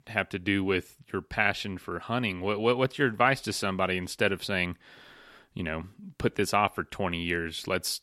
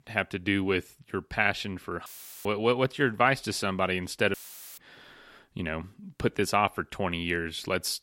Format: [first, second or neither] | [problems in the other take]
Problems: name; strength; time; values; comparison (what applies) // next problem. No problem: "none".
first | audio cutting out; filled with static; at 2 s and at 4.5 s